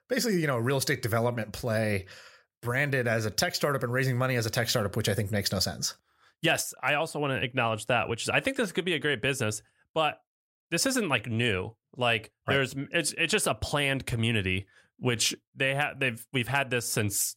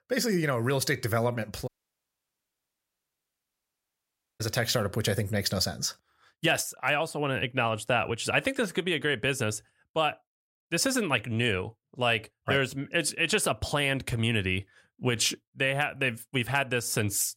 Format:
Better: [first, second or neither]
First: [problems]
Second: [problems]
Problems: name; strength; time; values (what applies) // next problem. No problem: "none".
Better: first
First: none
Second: audio cutting out; at 1.5 s for 2.5 s